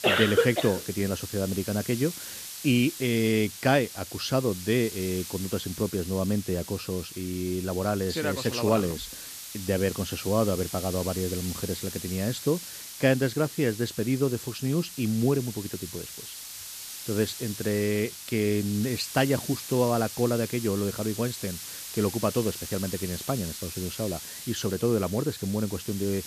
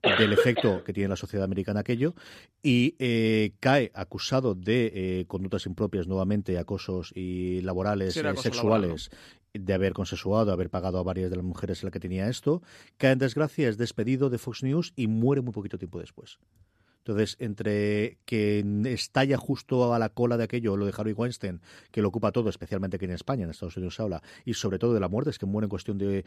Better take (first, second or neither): second